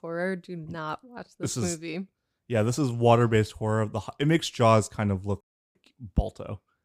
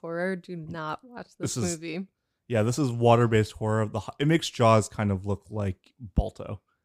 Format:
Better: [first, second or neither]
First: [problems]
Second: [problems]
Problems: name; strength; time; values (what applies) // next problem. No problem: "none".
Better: second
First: audio cutting out; at 5.5 s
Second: none